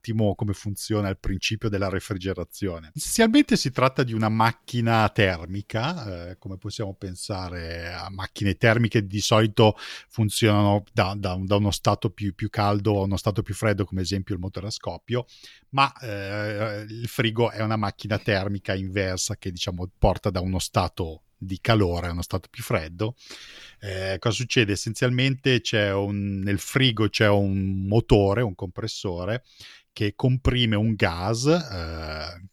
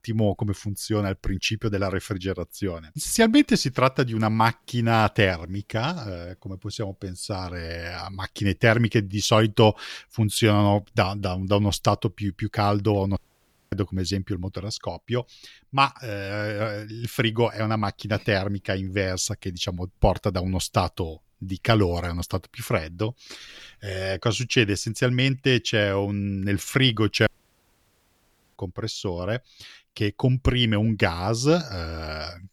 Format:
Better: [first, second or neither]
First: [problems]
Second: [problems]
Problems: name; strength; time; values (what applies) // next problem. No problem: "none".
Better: first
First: none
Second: audio cutting out; at 13 s for 0.5 s and at 27 s for 1.5 s